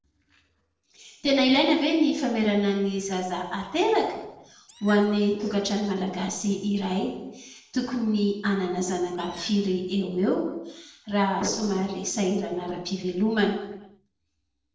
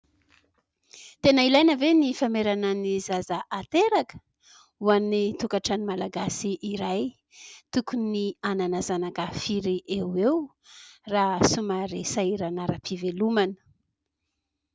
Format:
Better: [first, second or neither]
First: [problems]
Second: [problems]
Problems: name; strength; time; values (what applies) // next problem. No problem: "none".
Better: second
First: noise reduction (neural separator model SepFormer DNS4)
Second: none